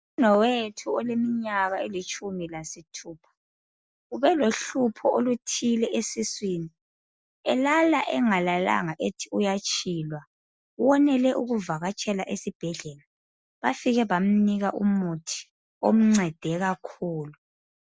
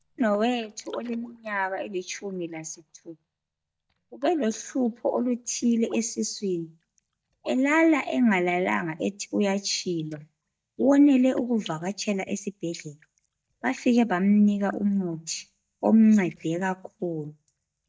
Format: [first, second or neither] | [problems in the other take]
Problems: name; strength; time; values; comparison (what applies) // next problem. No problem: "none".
first | noise reduction (neural mask model DeepFilterNet 3)